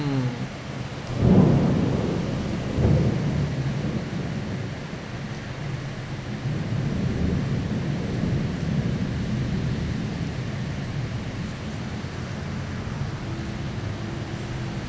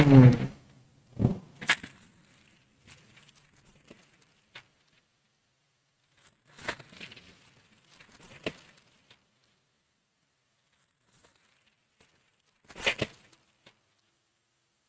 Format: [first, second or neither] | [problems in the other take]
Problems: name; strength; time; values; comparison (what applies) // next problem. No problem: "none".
first | noise reduction (neural mask model RNNoise)